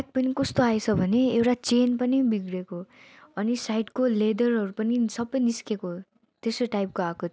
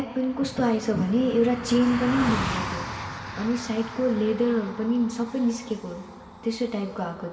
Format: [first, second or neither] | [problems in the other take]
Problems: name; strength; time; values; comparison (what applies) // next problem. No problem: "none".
first | background sound (Car passing by); 10 dB below the speech // room echo; dies away in 3 s